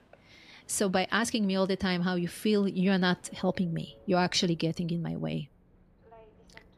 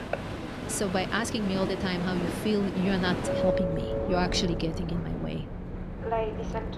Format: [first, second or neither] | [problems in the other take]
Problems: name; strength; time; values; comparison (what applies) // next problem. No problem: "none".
first | train or aircraft noise; loud; throughout; 3 dB below the speech; faint in the first